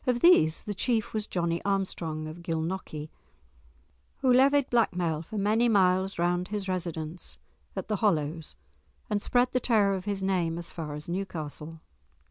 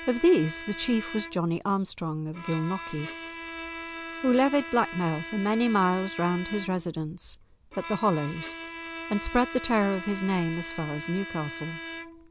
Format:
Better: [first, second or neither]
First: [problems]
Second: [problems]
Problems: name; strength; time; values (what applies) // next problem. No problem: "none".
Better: first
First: none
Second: background sound (Bowed string instrument); 11 dB below the speech